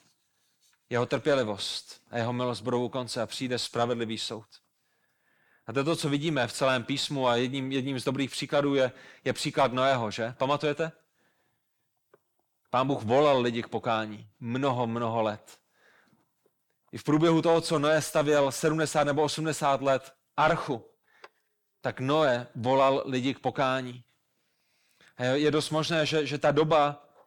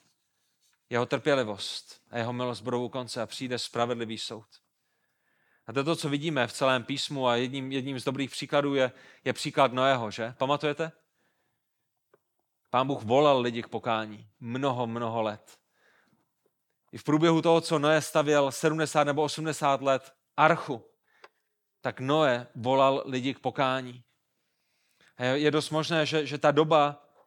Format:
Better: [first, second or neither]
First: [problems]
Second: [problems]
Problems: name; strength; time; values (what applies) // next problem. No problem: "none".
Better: second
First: distortion; slight; 10 dB below the speech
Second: none